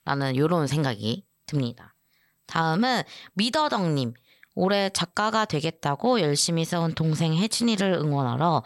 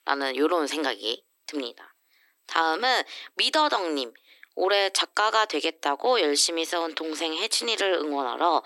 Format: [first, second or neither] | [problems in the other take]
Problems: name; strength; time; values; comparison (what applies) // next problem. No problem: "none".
first | thin; somewhat; fading below 300 Hz